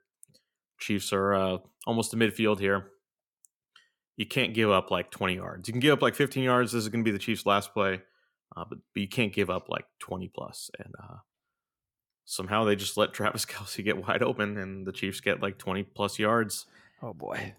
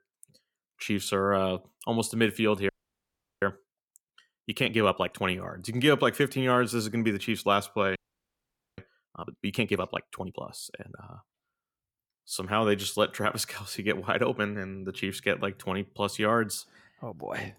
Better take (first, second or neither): first